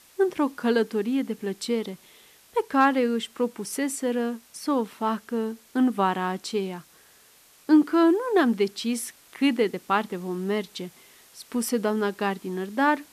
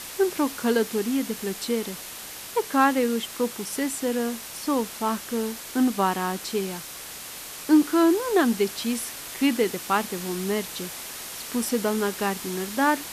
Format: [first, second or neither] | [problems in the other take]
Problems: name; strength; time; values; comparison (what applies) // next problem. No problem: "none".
first | hiss; loud; throughout; 10 dB below the speech; faint in the first